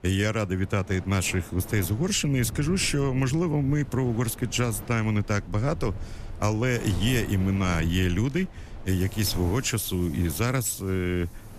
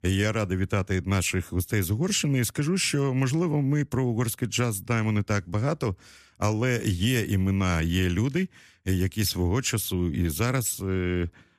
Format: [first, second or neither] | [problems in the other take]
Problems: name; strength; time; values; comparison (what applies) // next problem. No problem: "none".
second | wind in the background; noticeable; throughout; 15 dB below the speech